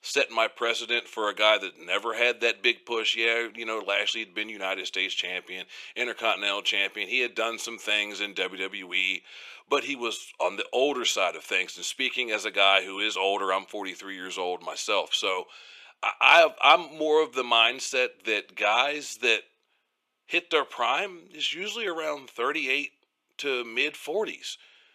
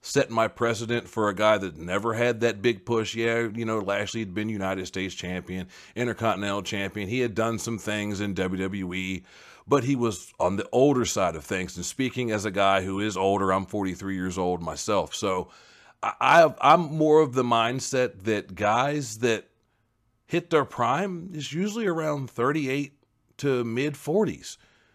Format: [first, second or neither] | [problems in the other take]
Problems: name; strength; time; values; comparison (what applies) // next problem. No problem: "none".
second | thin; somewhat; fading below 400 Hz